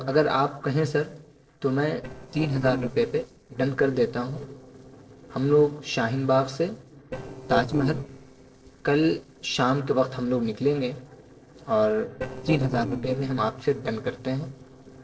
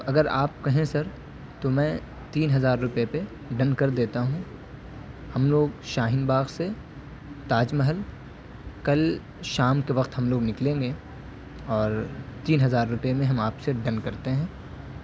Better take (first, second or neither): second